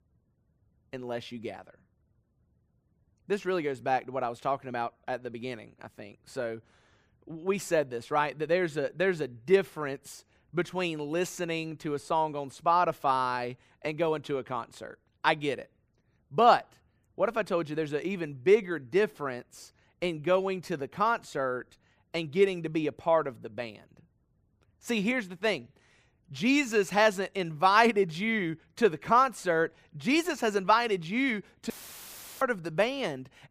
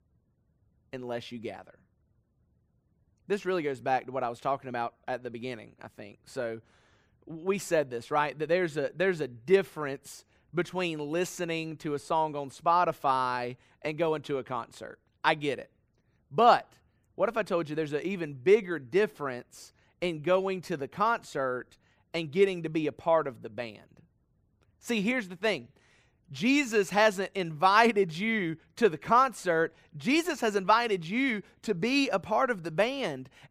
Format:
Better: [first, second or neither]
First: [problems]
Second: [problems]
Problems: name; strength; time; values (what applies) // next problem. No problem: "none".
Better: second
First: audio cutting out; filled with static; at 32 s for 0.5 s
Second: none